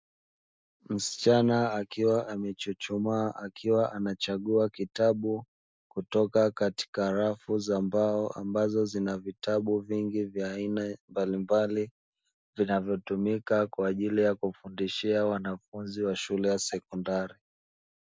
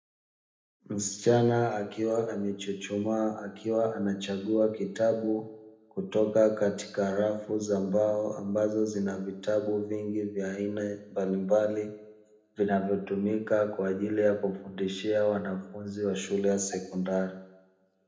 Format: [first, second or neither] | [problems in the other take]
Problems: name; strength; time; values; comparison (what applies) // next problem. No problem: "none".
first | room echo; dies away in 0.7 s